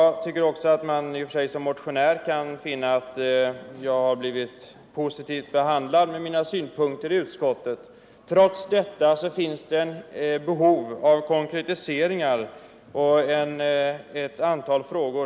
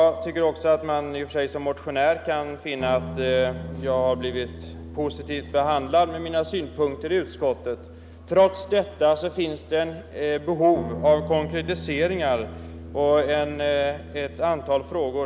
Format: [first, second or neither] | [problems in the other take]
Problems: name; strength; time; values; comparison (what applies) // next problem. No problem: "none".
first | background sound (Guitar); 14 dB below the speech